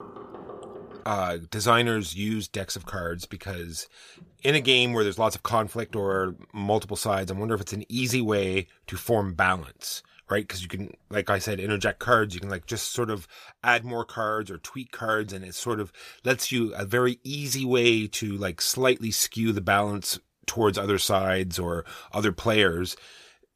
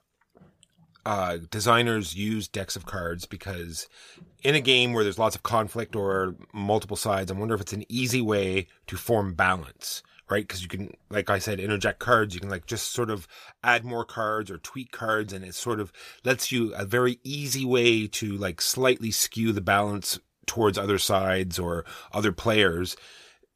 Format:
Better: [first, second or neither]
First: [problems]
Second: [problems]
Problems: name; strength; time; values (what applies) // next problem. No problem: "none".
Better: second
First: door banging; faint; until 1 s; peak 15 dB below the speech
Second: none